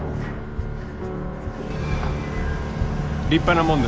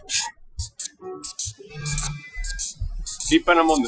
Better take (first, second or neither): first